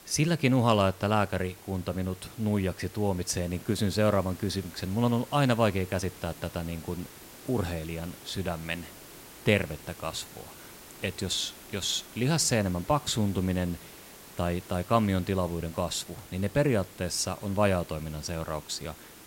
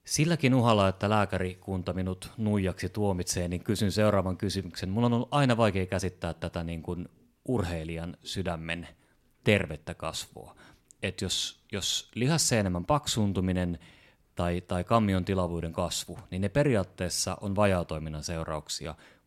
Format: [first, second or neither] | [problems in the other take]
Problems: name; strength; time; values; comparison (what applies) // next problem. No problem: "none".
second | hiss; noticeable; throughout; 20 dB below the speech